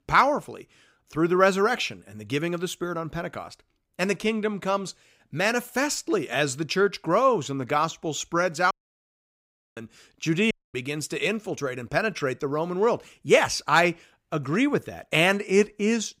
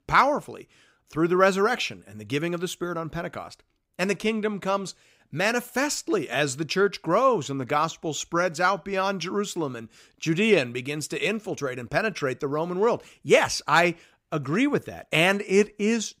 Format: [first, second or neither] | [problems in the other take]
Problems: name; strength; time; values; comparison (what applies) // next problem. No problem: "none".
second | audio cutting out; at 8.5 s for 1 s and at 11 s